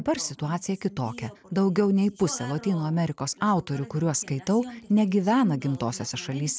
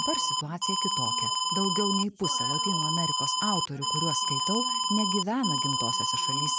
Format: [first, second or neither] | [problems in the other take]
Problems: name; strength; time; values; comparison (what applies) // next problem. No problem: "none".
first | background sound (Alarm); 4 dB above the speech